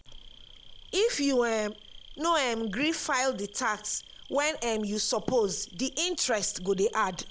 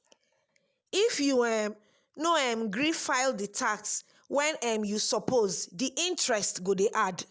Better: second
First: background sound (Insect); 18 dB below the speech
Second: none

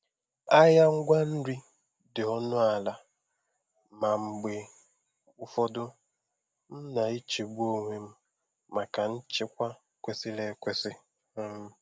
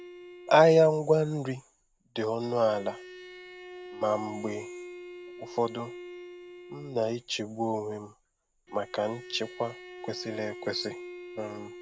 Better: first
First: none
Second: background sound (Bowed string instrument); 16 dB below the speech

